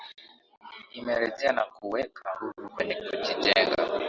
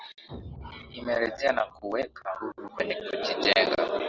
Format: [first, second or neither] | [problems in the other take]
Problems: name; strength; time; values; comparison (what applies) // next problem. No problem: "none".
first | background sound (Explosion); 20 dB below the speech